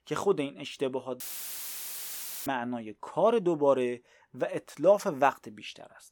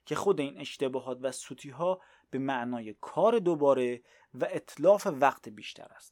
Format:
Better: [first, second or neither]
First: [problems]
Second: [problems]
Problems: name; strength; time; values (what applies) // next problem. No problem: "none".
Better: second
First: audio cutting out; filled with static; at 1 s for 1.5 s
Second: none